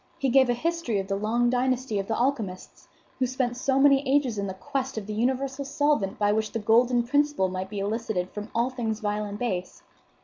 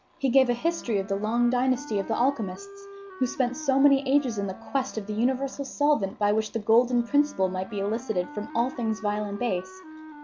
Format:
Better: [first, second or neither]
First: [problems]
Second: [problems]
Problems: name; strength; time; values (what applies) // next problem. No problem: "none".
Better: first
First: none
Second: background sound (Wind instrument, woodwind instrument); 18 dB below the speech